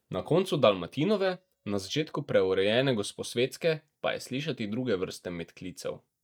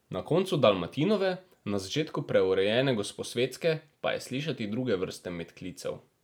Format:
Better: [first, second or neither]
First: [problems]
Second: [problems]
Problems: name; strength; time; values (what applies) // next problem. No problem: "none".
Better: second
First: noise reduction (neural mask model DeepFilterNet 3)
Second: none